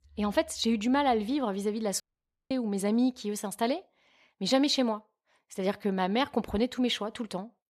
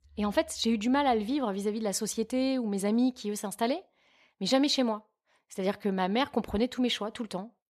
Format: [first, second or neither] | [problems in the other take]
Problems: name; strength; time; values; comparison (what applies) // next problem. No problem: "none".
second | audio cutting out; at 2 s for 0.5 s